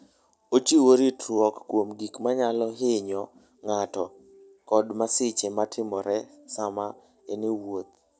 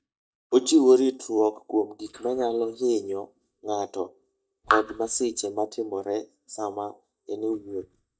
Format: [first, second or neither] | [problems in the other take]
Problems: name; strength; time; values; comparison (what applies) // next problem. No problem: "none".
first | noise reduction (neural mask model DeepFilterNet 3)